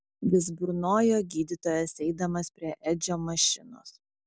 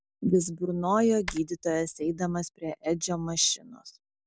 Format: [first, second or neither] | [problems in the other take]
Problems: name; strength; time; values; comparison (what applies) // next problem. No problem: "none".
first | background sound (Typing); 17 dB below the speech